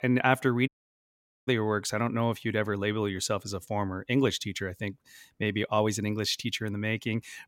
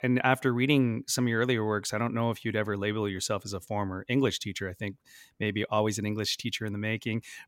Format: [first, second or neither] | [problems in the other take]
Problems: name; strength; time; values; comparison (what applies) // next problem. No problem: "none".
second | audio cutting out; at 0.5 s for 1 s